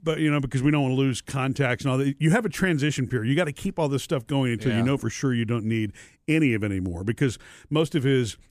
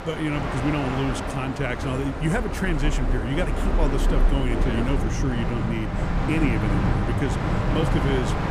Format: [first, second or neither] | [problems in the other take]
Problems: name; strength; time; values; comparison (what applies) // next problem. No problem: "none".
first | train or aircraft noise; very loud; throughout; 1 dB above the speech